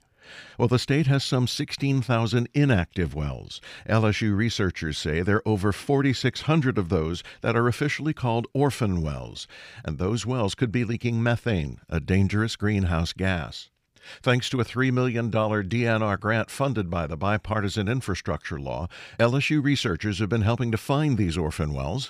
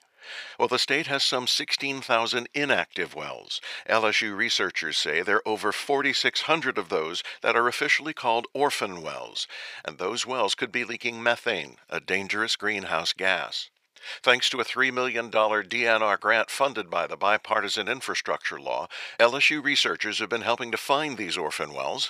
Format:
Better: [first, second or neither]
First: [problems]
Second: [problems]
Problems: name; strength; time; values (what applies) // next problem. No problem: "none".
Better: first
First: none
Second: thin; very; fading below 600 Hz